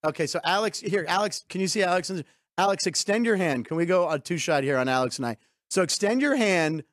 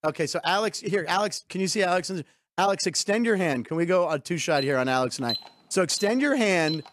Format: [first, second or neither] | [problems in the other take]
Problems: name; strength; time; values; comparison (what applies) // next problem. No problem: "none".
first | alarm; noticeable; from 4.5 s on; peak 6 dB below the speech